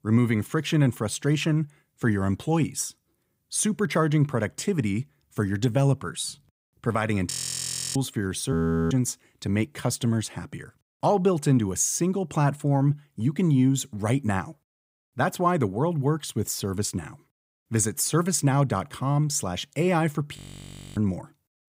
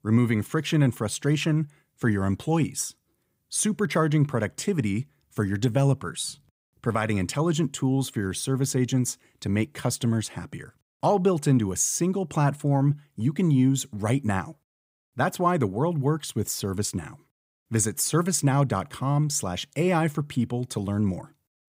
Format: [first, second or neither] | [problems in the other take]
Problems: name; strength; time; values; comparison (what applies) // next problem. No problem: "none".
second | audio freezing; at 7.5 s for 0.5 s, at 8.5 s and at 20 s for 0.5 s